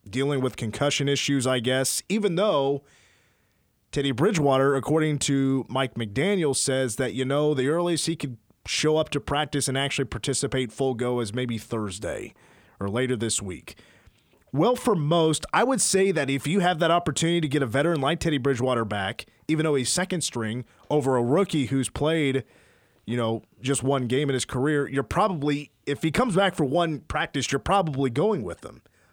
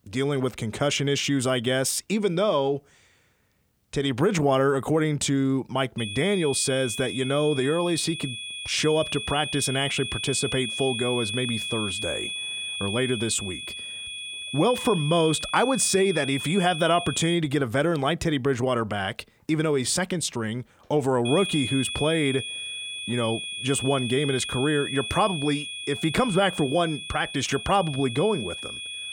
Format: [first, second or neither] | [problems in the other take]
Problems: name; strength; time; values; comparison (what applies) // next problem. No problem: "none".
first | high-pitched whine; loud; from 6 to 17 s and from 21 s on; 3.5 kHz, 6 dB below the speech